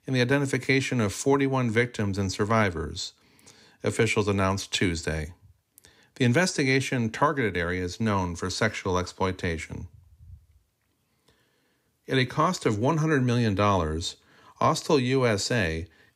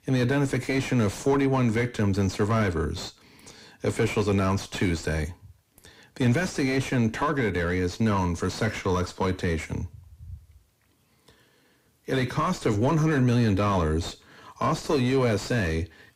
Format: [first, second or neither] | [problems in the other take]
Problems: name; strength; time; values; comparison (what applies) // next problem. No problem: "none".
first | distortion; heavy; 7 dB below the speech